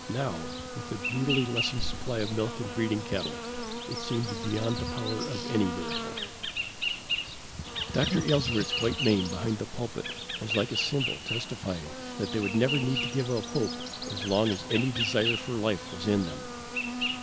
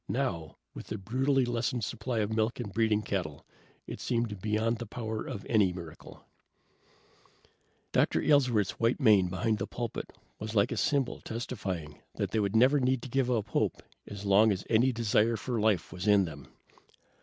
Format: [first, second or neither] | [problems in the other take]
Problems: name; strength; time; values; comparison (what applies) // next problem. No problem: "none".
second | background sound (Insect); 3 dB below the speech